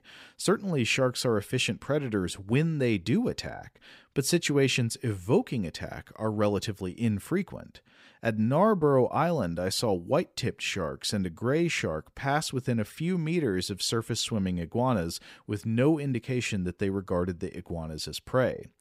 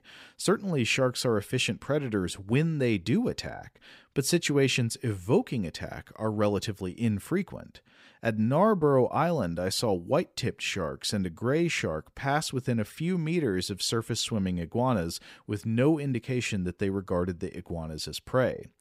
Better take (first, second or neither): neither